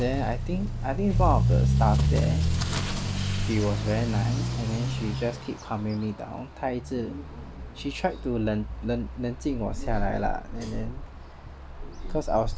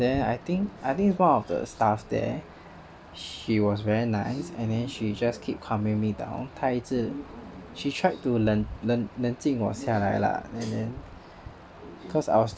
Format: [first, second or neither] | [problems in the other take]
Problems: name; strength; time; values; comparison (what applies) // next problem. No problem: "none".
second | background sound (Accelerating, revving, vroom / Motor vehicle (road)); 2 dB above the speech